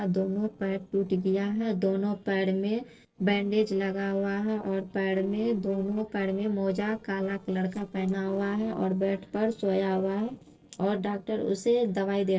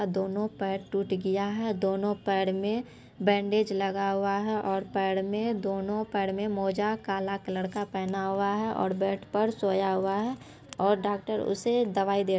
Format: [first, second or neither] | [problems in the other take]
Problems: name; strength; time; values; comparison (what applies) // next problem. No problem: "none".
second | noise reduction (neural separator model SepFormer DNS4)